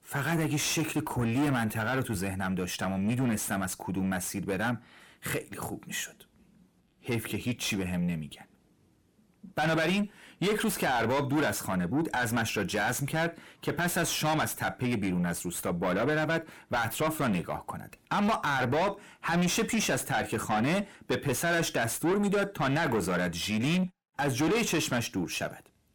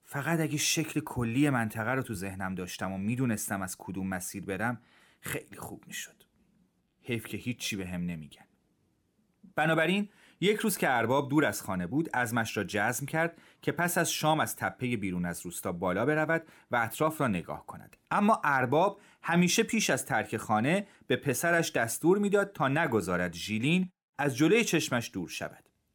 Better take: second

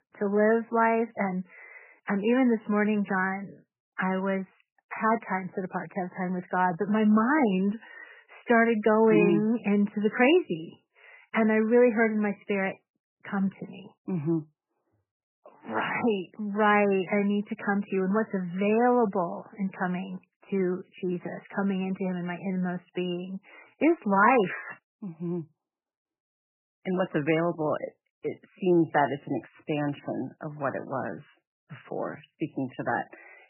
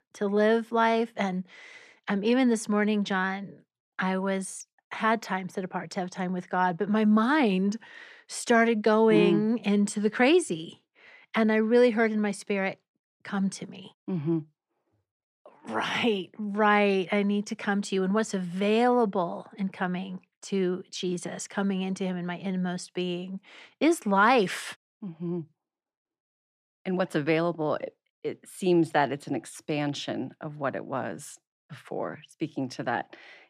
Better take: second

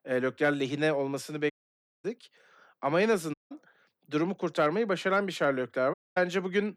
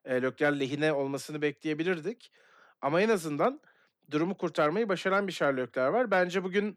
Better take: second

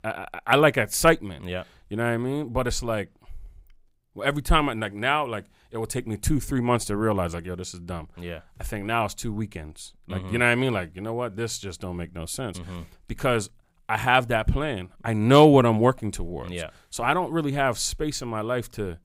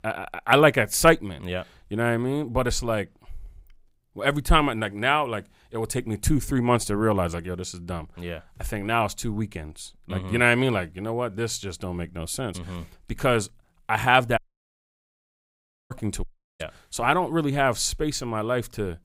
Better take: first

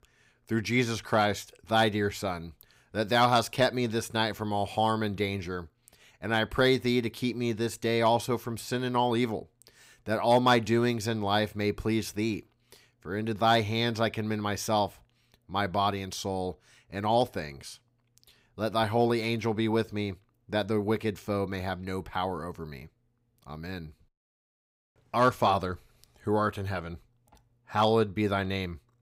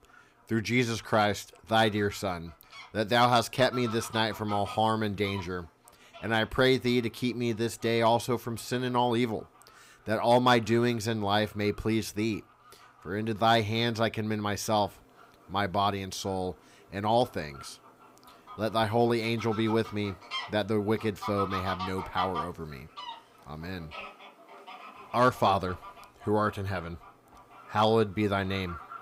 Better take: first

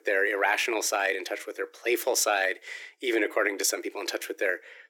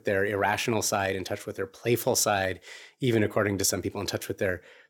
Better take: second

